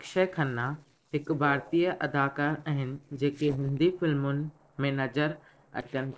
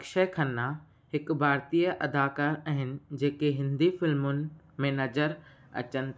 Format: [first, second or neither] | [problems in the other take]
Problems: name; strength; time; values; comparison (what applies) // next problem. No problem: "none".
second | noise reduction (neural separator model SepFormer DNS4)